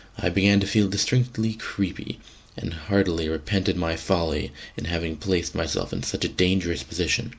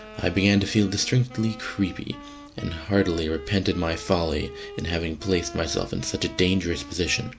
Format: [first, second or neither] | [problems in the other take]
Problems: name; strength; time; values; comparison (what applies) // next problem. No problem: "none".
first | background sound (Wind instrument, woodwind instrument); 17 dB below the speech